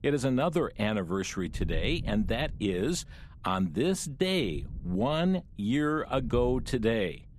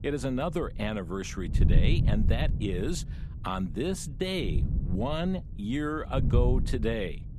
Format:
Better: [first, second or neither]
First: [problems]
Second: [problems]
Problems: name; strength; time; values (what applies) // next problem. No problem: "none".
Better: first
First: wind noise on the microphone; occasional gusts; 25 dB below the speech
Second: wind noise on the microphone; heavy; 10 dB below the speech